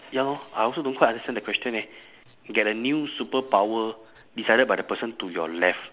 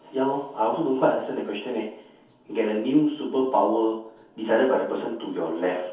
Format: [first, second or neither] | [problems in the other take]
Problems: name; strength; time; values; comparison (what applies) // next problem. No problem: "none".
first | room echo; dies away in 0.6 s